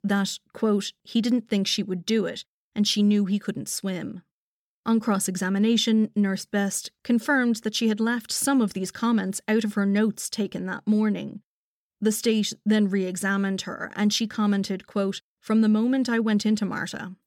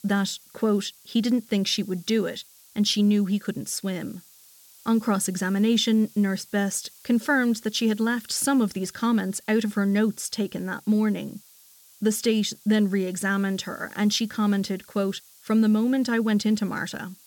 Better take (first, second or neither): first